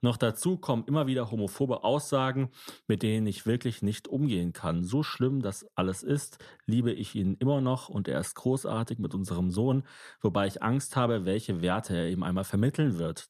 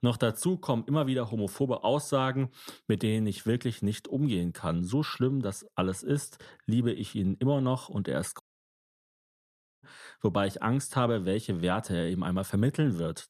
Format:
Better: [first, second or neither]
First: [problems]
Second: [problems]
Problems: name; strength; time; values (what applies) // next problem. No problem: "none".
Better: first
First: none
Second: audio cutting out; at 8.5 s for 1.5 s